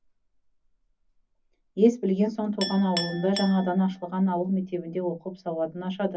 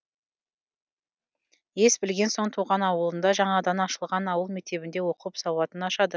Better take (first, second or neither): second